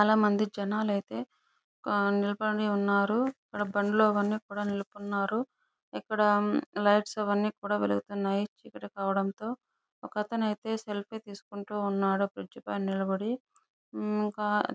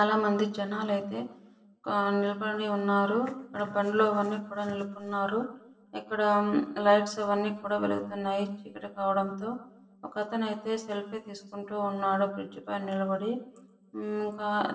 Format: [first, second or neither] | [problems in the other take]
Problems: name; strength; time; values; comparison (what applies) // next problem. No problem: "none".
first | room echo; dies away in 0.7 s